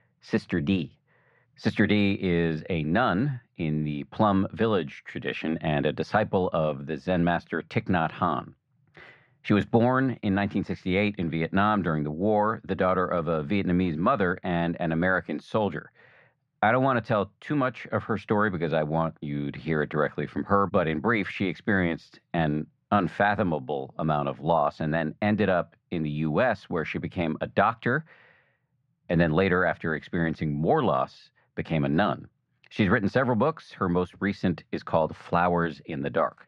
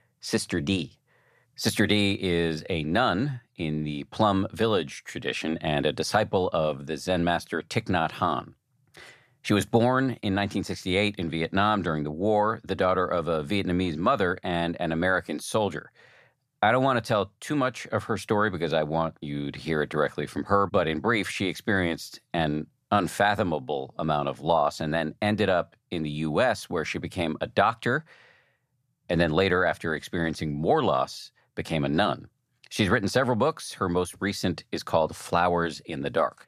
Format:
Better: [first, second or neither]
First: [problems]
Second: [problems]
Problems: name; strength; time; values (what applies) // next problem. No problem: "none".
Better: second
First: muffled; slightly; fading above 2.5 kHz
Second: none